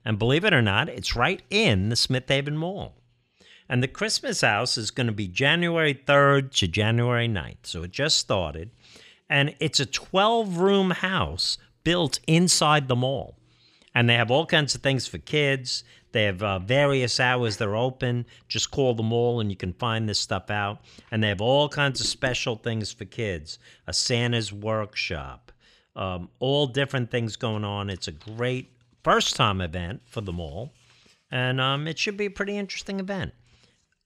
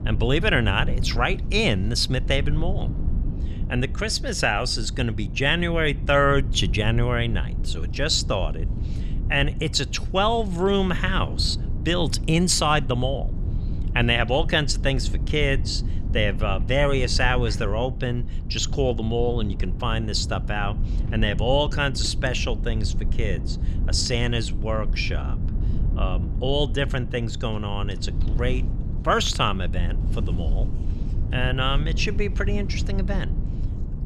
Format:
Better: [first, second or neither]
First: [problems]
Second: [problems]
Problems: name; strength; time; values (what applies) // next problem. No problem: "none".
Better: first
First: none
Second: low rumble; noticeable; throughout; 15 dB below the speech